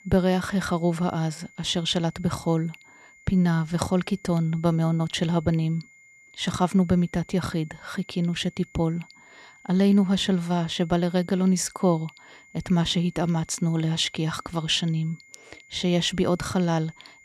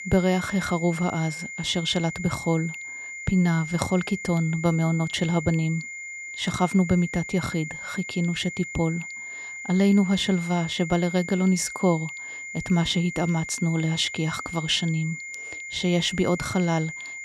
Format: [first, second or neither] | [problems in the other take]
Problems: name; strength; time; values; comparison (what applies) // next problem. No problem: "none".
first | high-pitched whine; loud; throughout; 2 kHz, 9 dB below the speech; faint in the first